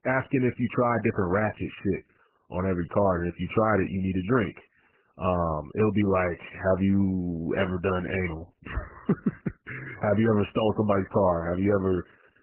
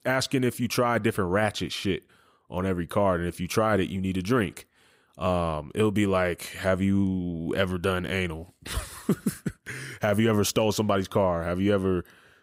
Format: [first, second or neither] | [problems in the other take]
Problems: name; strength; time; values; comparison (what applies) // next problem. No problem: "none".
second | garbled, watery; badly; nothing above 3 kHz